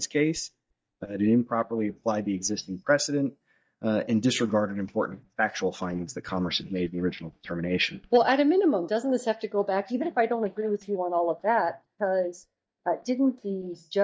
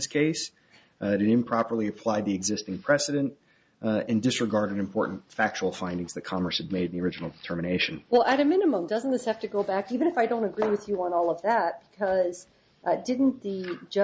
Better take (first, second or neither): second